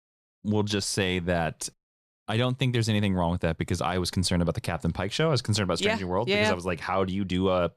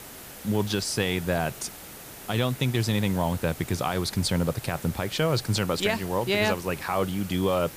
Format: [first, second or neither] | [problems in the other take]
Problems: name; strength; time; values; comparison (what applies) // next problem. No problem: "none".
first | hiss; noticeable; throughout; 15 dB below the speech